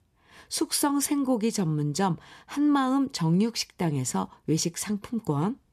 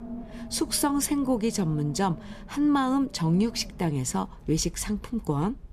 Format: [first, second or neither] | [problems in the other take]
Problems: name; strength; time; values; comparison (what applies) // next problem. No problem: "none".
first | wind in the background; noticeable; throughout; 15 dB below the speech